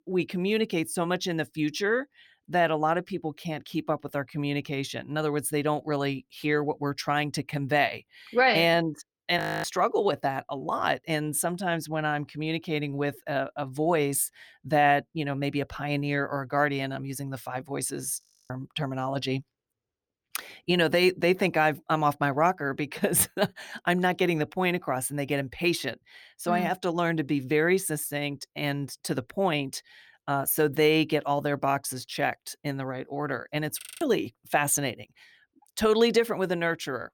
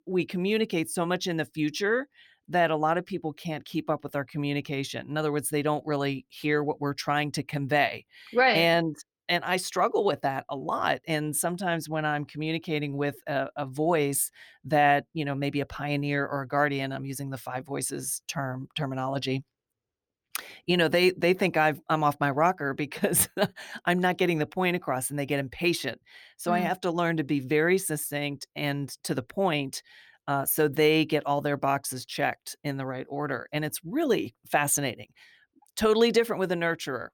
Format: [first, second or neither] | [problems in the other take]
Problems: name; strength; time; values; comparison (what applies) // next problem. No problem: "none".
second | audio freezing; at 9.5 s, at 18 s and at 34 s